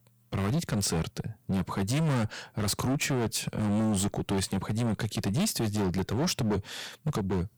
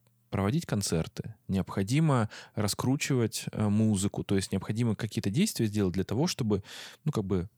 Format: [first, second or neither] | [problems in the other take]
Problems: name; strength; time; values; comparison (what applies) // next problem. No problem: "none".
second | distortion; heavy; 20% of the sound clipped